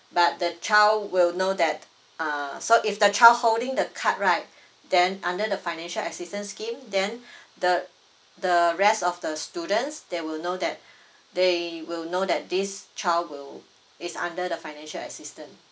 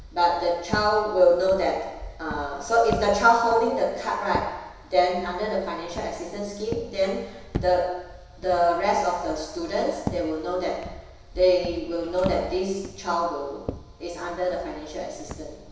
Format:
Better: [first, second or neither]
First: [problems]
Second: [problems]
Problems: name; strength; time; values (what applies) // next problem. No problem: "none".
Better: first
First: none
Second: background sound (Walk, footsteps); 13 dB below the speech // room echo; dies away in 1 s